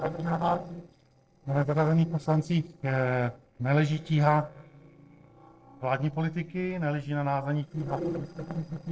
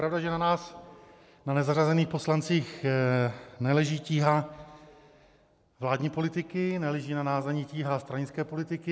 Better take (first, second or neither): second